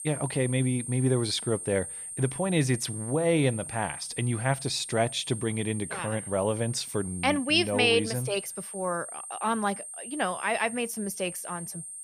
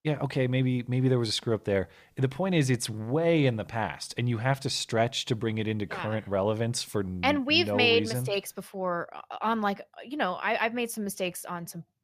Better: second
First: high-pitched whine; loud; throughout; 8.5 kHz, 9 dB below the speech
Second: none

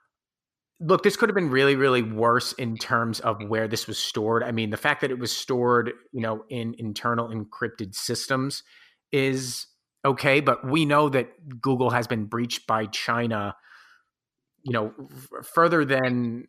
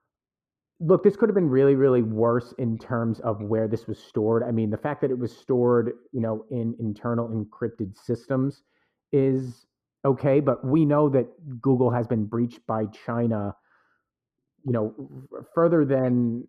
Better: first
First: none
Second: muffled; very; fading above 1.5 kHz

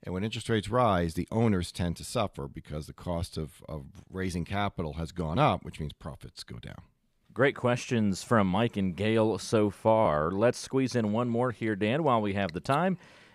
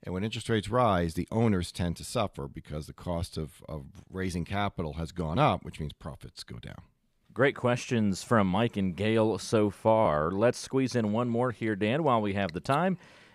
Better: neither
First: none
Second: none

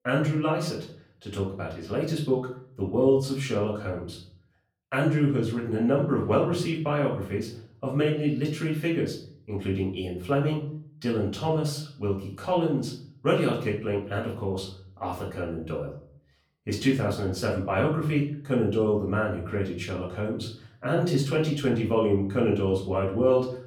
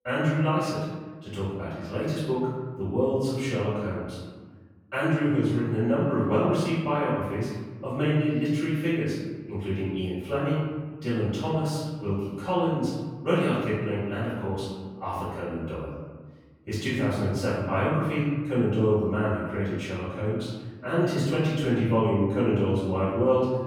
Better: first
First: room echo; slight; dies away in 0.5 s // off-mic speech; far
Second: room echo; strong; dies away in 1.3 s // off-mic speech; far

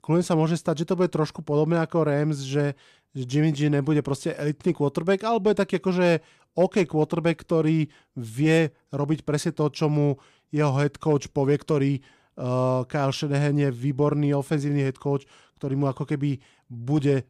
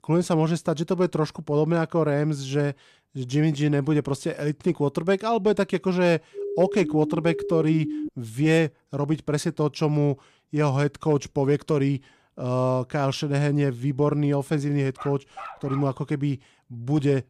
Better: first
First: none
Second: siren; noticeable; from 6.5 to 8 s; peak 6 dB below the speech // dog barking; faint; at 15 s; peak 15 dB below the speech

